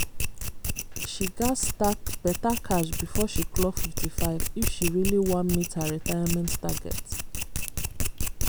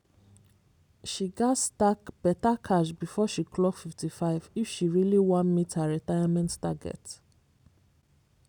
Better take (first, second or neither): second